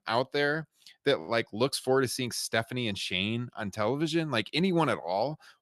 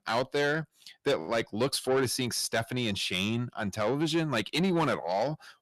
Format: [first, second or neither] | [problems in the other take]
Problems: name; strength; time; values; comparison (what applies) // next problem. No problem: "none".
first | distortion; slight; 10 dB below the speech